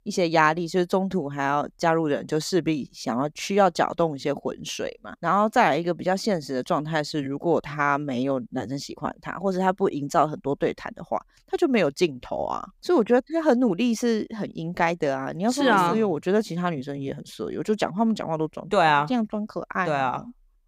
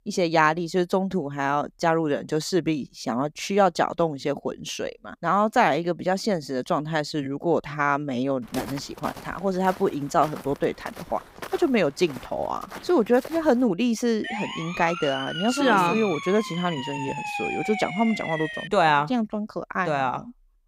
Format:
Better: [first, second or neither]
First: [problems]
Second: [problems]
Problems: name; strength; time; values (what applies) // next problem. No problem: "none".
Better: first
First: none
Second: footsteps; faint; from 8.5 to 14 s; peak 10 dB below the speech // siren; noticeable; from 14 to 19 s; peak 4 dB below the speech